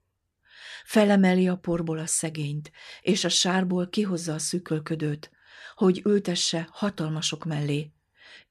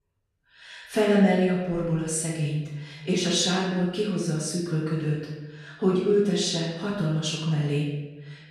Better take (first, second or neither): first